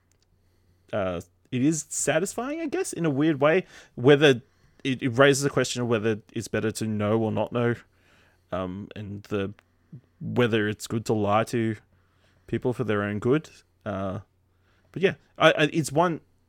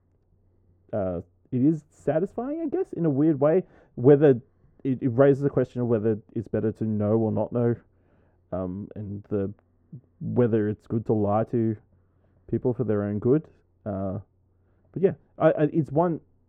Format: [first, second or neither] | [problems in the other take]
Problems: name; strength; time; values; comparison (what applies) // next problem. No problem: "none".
first | muffled; very; fading above 2 kHz